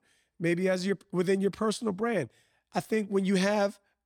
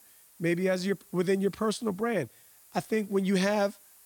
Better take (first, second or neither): first